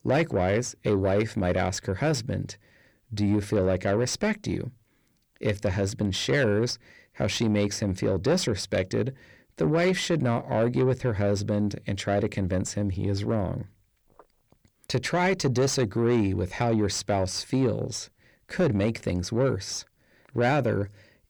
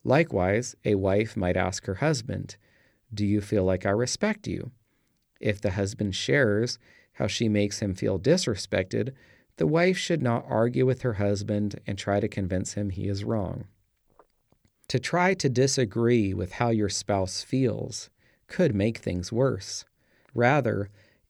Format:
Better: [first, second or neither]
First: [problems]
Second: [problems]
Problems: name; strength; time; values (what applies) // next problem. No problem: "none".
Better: second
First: distortion; slight; 10 dB below the speech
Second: none